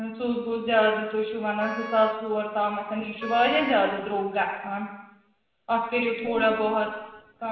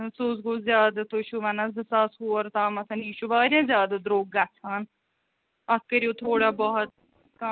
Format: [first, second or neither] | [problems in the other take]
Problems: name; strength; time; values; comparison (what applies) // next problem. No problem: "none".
second | background sound (Wind instrument, woodwind instrument); 13 dB below the speech // room echo; dies away in 1 s